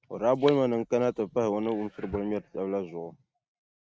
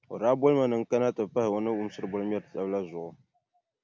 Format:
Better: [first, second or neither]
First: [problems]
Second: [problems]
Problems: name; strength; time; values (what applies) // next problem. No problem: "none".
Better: second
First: noise reduction (neural mask model RNNoise)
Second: none